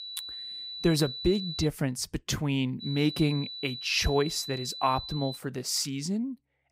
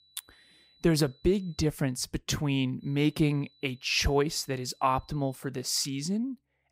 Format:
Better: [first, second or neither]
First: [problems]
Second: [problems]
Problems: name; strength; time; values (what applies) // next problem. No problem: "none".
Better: second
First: high-pitched whine; loud; until 1.5 s and from 3 to 5.5 s; 4 kHz, 8 dB below the speech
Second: high-pitched whine; faint; until 1.5 s and from 3 to 5.5 s; 4 kHz, 30 dB below the speech